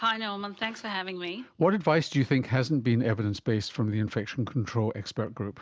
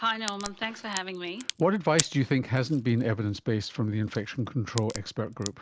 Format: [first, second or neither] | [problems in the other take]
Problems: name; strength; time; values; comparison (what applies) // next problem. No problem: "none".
first | background sound (Crack); 11 dB below the speech